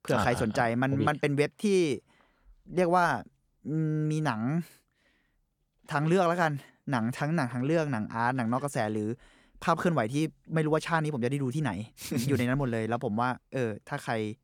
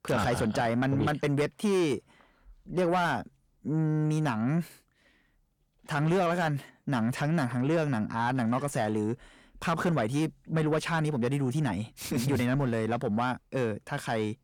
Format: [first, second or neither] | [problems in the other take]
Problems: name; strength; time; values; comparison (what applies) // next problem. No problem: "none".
first | distortion; slight; 10 dB below the speech